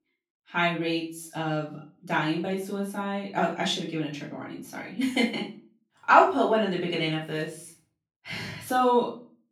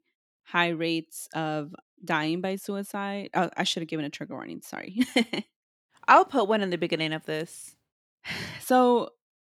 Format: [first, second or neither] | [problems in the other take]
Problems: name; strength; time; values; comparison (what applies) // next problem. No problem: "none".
second | off-mic speech; far // room echo; slight; dies away in 0.3 s